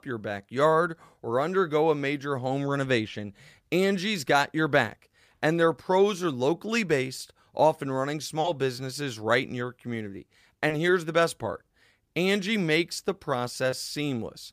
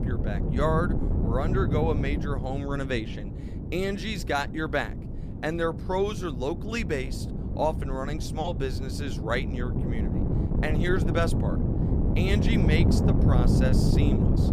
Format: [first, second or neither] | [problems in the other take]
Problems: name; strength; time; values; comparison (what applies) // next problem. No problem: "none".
first | wind noise on the microphone; heavy; 5 dB below the speech